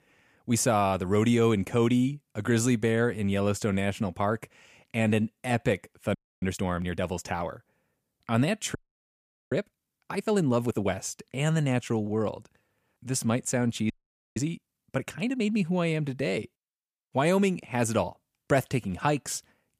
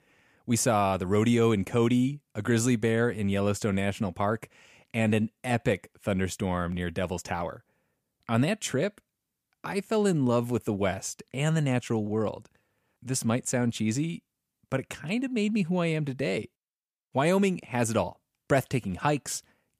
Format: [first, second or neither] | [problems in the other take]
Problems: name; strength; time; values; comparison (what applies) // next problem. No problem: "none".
second | audio freezing; at 6 s, at 9 s for 1 s and at 14 s